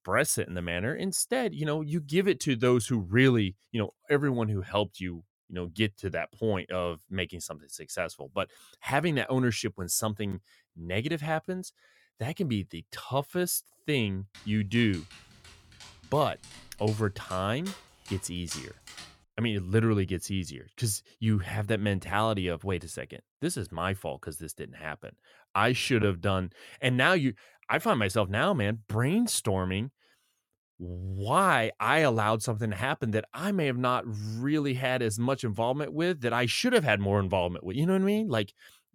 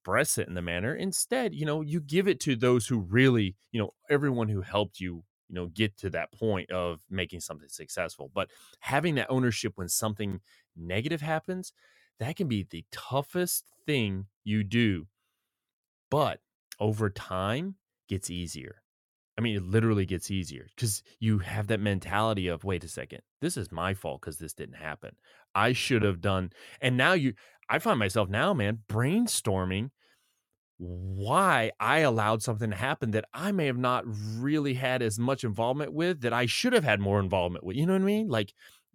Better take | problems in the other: second | dog barking; faint; from 14 to 19 s; peak 10 dB below the speech

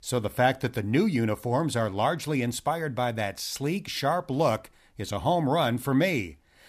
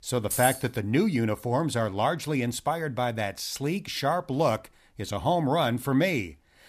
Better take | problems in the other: first | jangling keys; noticeable; at 0.5 s; peak 2 dB below the speech

